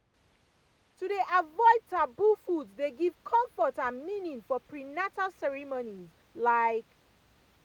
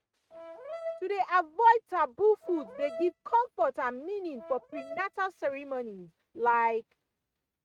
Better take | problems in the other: first | noise reduction (neural mask model RNNoise)

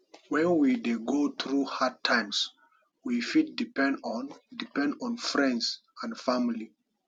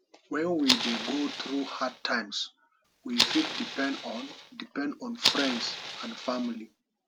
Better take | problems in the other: first | background sound (Fire); 1 dB below the speech

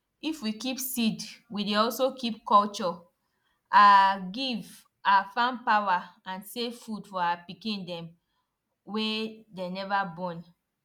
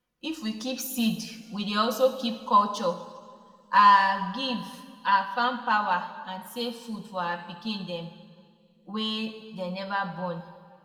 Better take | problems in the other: first | room echo; dies away in 1.5 s

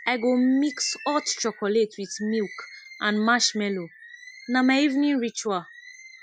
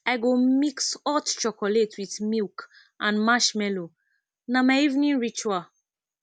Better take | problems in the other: second | noise reduction (classical method Wiener filter)

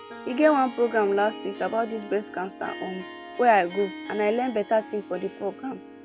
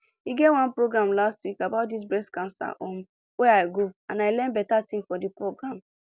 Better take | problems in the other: second | background sound (Harp); 14 dB below the speech

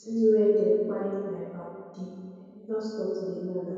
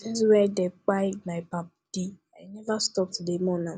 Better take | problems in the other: second | room echo; dies away in 2.2 s

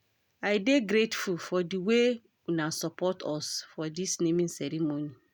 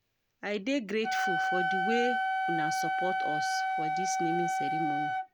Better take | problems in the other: first | background sound (Wind instrument, woodwind instrument); 4 dB above the speech

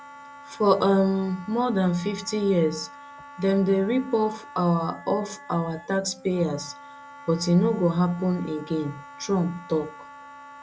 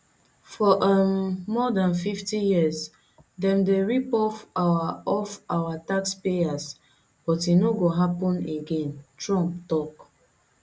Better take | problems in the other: second | background sound (Wind instrument, woodwind instrument); 19 dB below the speech

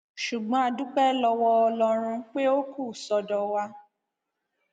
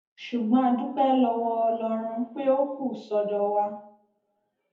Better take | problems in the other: first | room echo; dies away in 0.5 s

